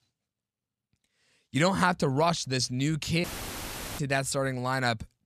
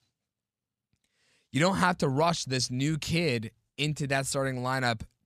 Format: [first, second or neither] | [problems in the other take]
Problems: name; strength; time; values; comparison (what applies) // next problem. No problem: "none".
second | audio cutting out; filled with static; at 3 s for 1 s